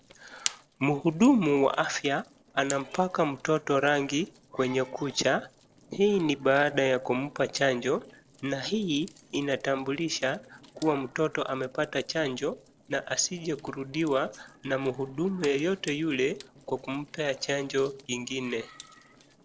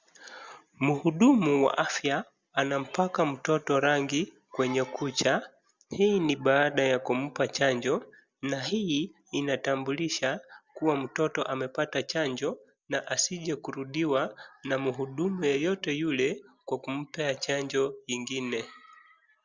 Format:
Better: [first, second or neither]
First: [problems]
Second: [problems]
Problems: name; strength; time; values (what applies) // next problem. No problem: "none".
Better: second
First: noise reduction (neural separator model SepFormer DNS4)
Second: none